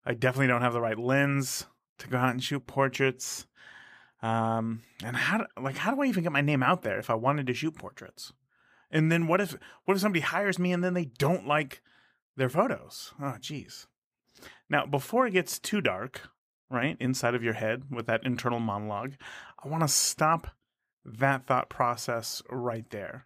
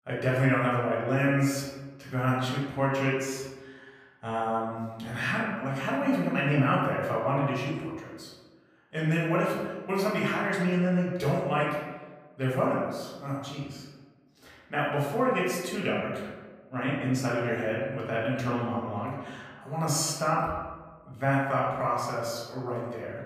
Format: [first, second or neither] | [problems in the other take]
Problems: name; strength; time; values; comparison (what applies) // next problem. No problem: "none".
first | room echo; noticeable; dies away in 1.1 s // off-mic speech; far